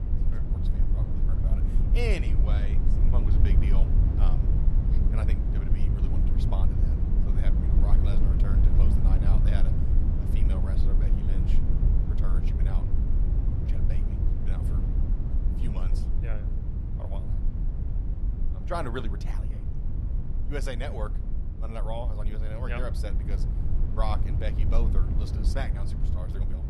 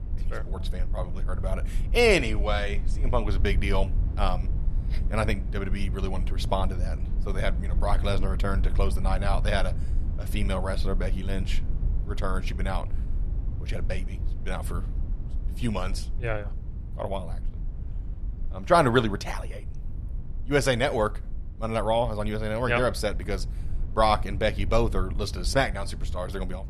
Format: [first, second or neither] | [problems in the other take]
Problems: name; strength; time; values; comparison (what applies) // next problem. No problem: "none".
second | low rumble; loud; throughout; 3 dB below the speech; faint in the second